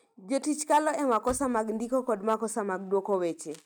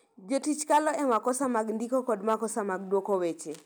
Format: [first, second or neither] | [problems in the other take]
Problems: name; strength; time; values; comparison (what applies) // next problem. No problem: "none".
second | noise reduction (neural mask model RNNoise)